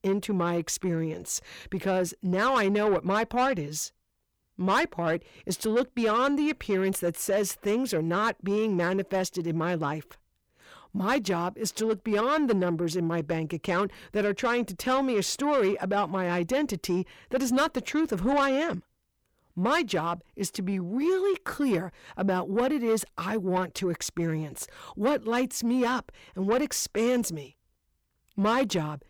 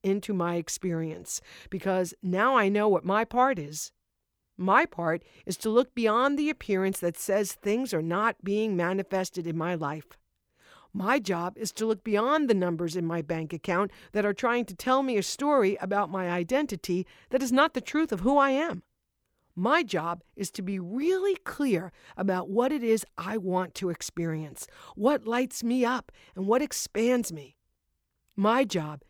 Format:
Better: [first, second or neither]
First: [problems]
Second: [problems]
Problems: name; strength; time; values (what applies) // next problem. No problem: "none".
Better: second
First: distortion; slight; 10 dB below the speech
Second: none